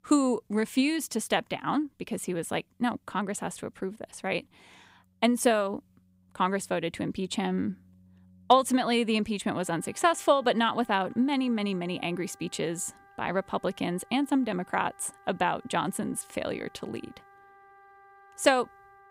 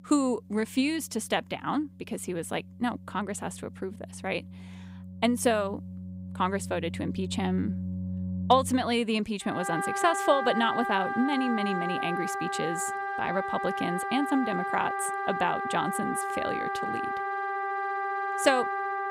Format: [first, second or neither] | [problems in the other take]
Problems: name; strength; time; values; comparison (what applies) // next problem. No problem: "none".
first | background music; loud; throughout; 3 dB below the speech; faint in the first